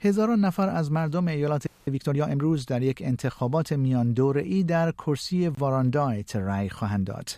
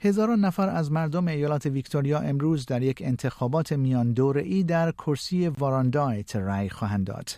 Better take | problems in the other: second | audio freezing; at 1.5 s

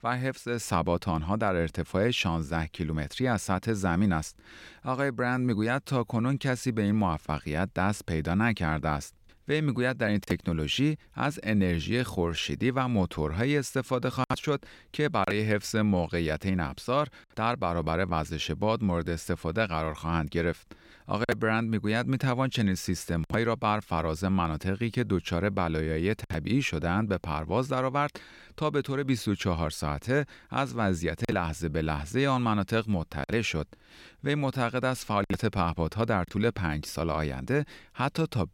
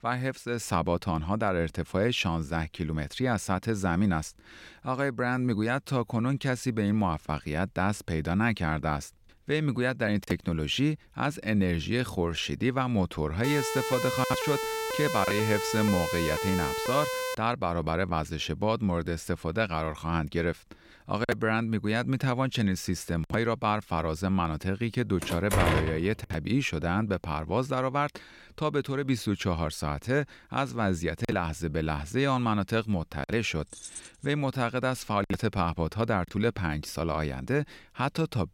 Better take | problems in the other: first | siren; noticeable; from 13 to 17 s; peak 2 dB below the speech // door banging; loud; at 25 s; peak 3 dB above the speech // jangling keys; faint; at 34 s; peak 10 dB below the speech

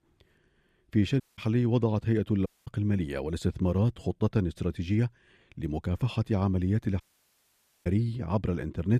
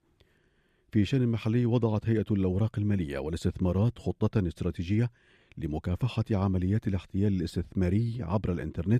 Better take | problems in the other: second | audio cutting out; at 1 s, at 2.5 s and at 7 s for 1 s

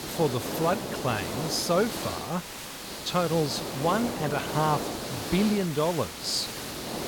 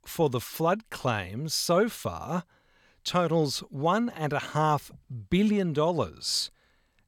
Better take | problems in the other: second | hiss; loud; throughout; 5 dB below the speech

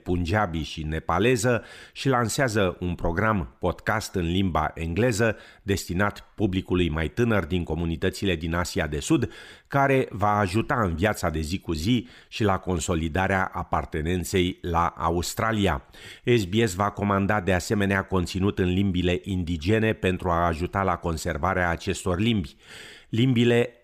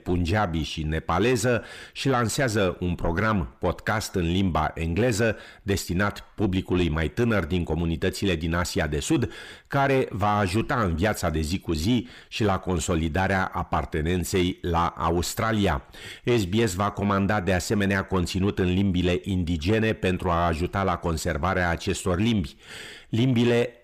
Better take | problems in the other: first | distortion; slight; 10 dB below the speech

